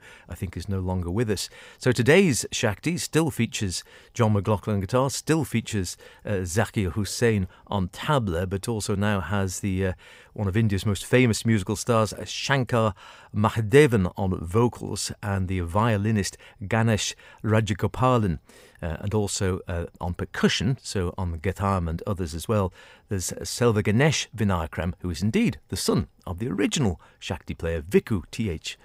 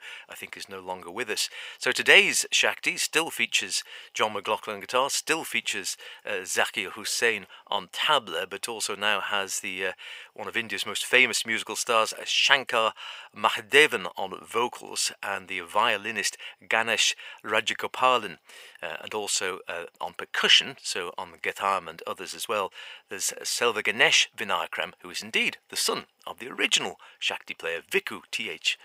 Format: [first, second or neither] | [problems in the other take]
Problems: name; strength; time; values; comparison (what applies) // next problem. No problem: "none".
first | thin; very; fading below 650 Hz